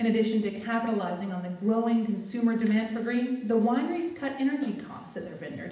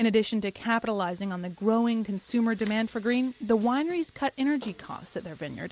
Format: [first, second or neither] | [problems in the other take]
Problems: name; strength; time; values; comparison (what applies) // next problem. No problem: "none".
second | room echo; dies away in 0.8 s